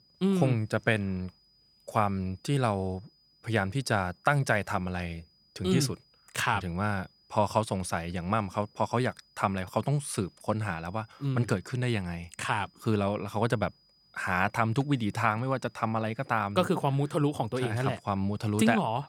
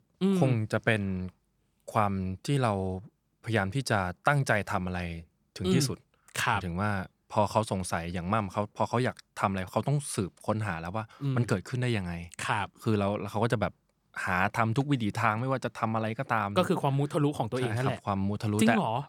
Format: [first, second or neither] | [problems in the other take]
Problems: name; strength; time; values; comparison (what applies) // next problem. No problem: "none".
second | high-pitched whine; faint; throughout; 5 kHz, 35 dB below the speech